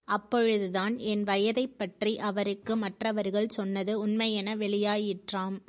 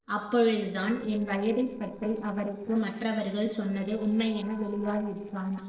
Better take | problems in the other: first | noise reduction (neural separator model SepFormer DNS4)

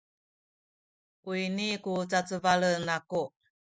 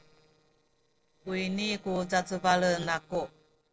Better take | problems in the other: first | noise reduction (neural separator model SepFormer DNS4)

